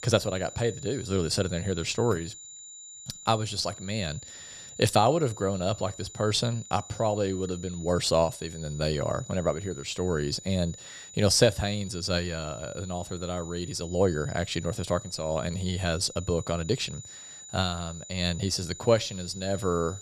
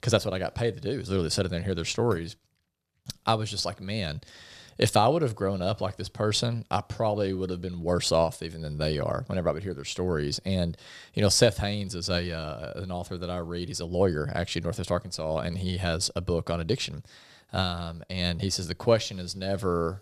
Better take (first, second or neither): second